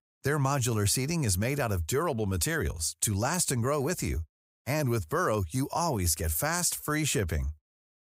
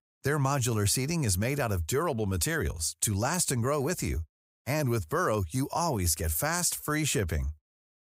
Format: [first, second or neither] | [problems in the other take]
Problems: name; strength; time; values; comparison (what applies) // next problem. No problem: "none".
neither | none